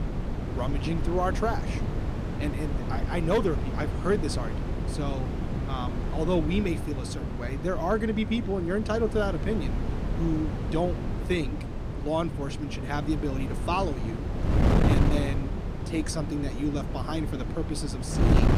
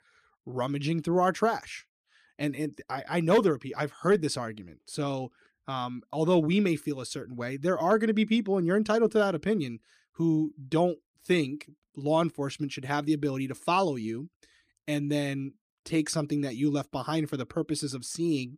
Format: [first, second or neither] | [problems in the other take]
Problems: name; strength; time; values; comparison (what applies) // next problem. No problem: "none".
second | wind noise on the microphone; heavy; 6 dB below the speech